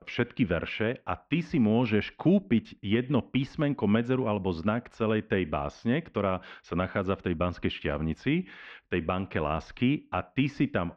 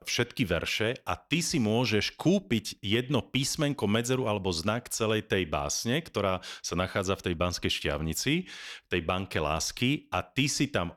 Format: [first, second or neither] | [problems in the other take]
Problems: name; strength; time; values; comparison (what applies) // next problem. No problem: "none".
second | muffled; very; fading above 2.5 kHz